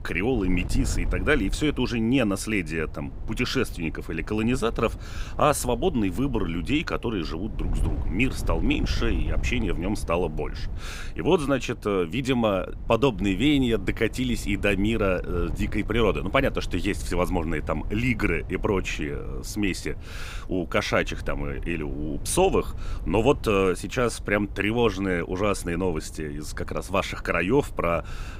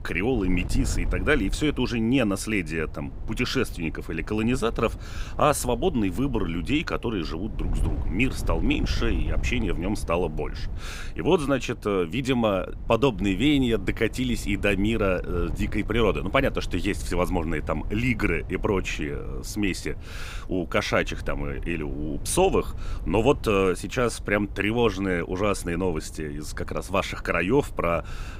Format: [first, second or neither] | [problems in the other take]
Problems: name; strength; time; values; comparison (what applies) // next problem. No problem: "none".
neither | wind noise on the microphone; occasional gusts; 20 dB below the speech; the same in both